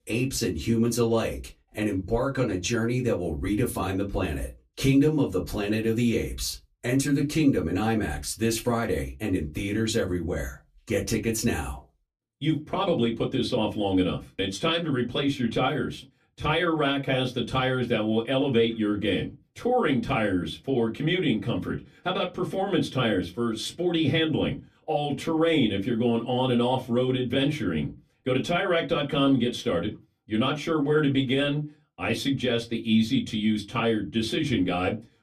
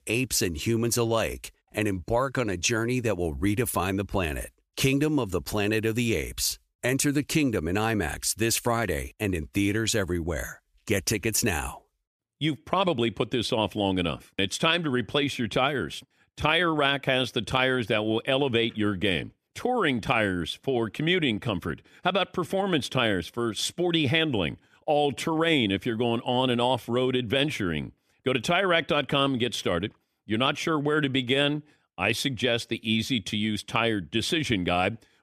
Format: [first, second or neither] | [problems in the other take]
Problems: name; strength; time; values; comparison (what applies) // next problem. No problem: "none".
second | off-mic speech; far // room echo; very slight; dies away in 0.2 s